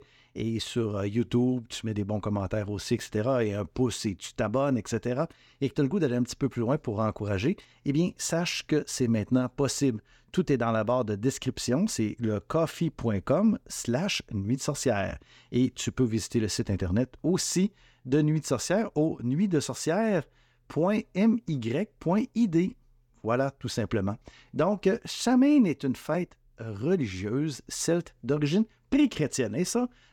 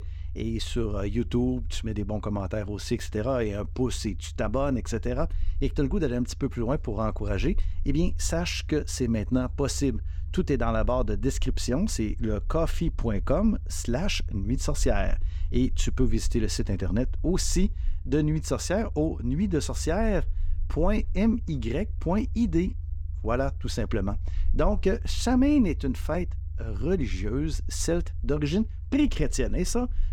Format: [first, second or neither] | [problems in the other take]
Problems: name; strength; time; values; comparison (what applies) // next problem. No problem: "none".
first | low rumble; faint; throughout; 25 dB below the speech